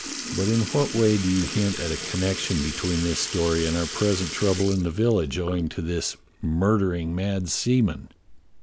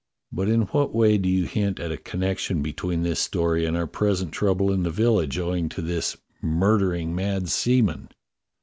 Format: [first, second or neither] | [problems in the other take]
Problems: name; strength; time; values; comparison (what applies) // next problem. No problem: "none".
second | background sound (Sink (filling or washing) / Liquid); 10 dB below the speech